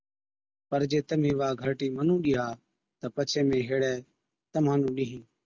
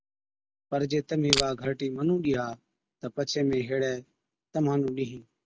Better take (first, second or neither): first